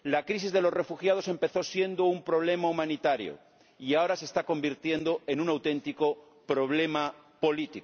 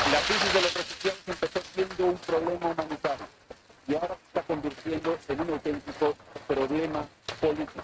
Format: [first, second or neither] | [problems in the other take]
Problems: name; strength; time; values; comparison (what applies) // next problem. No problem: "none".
first | noise reduction (neural mask model RNNoise)